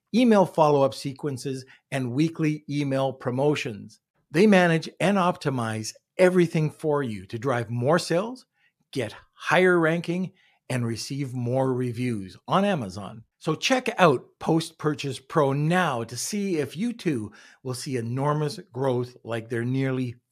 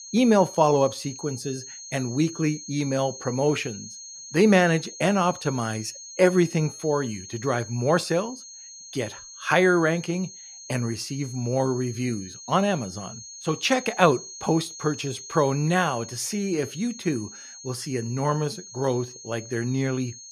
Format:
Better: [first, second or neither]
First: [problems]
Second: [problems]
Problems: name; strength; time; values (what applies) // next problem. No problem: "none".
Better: first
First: none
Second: high-pitched whine; noticeable; throughout; 6.5 kHz, 15 dB below the speech